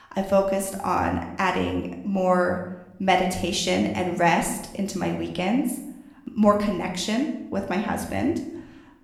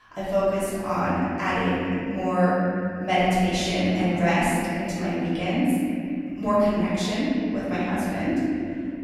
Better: first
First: room echo; slight; dies away in 0.7 s // off-mic speech; somewhat distant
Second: room echo; strong; dies away in 2.9 s // off-mic speech; far

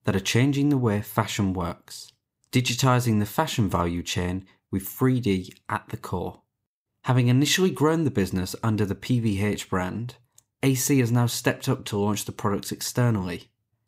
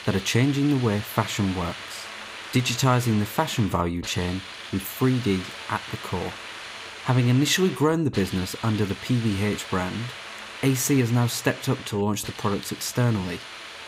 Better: first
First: none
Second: hiss; noticeable; throughout; 10 dB below the speech

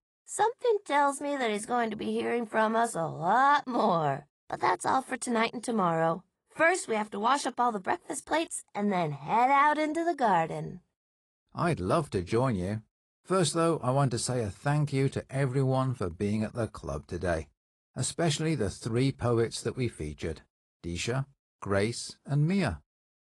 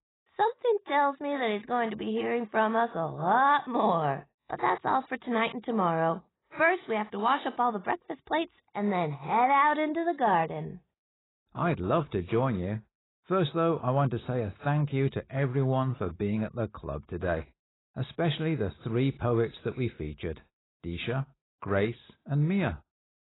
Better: first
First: garbled, watery; slightly; nothing above 10 kHz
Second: garbled, watery; badly; nothing above 4 kHz

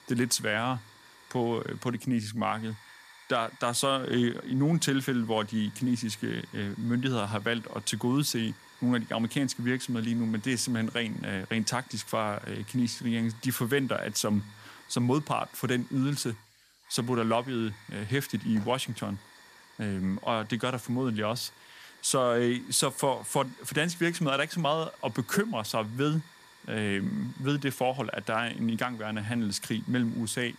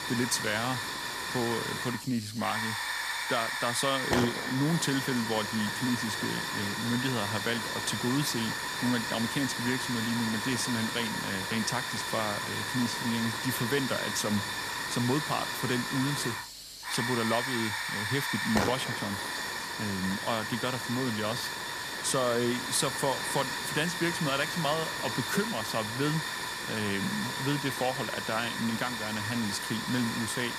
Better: first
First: hiss; faint; throughout; 20 dB below the speech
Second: hiss; loud; throughout; 1 dB below the speech

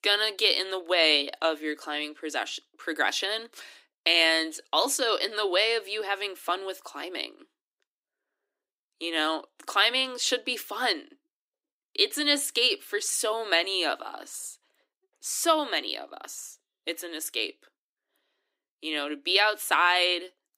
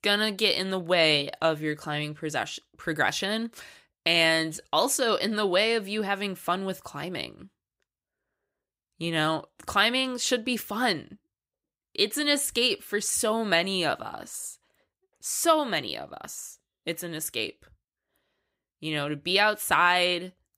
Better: second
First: thin; somewhat; fading below 300 Hz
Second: none

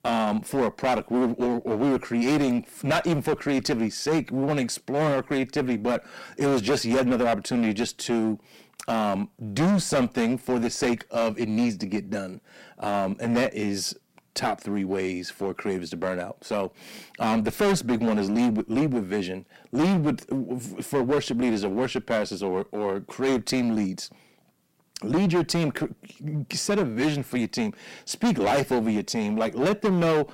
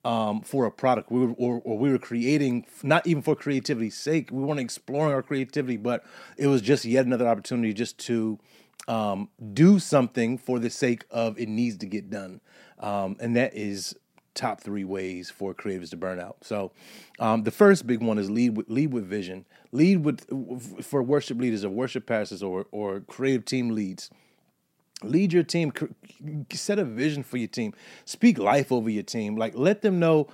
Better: second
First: distortion; heavy; 13% of the sound clipped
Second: none

